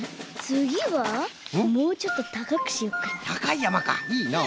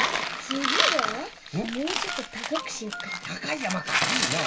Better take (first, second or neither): first